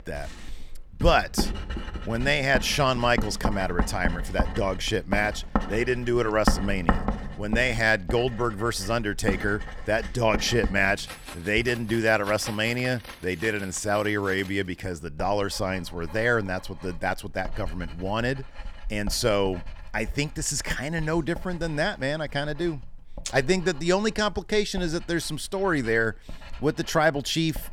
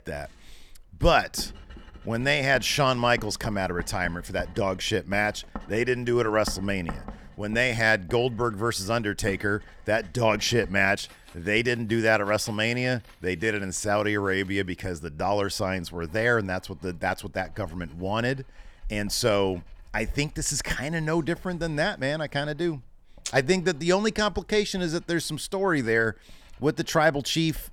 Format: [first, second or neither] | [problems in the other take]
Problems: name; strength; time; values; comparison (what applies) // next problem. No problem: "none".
second | household noises; loud; throughout; 9 dB below the speech; faint in the second